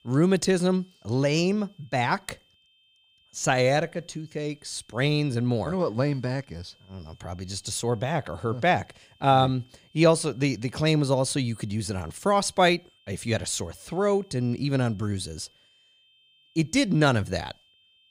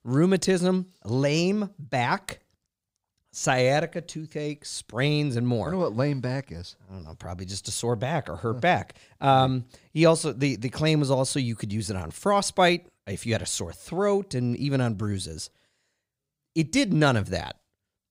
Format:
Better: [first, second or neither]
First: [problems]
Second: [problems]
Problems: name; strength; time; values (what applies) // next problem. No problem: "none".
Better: second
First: high-pitched whine; faint; throughout; 3 kHz, 35 dB below the speech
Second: none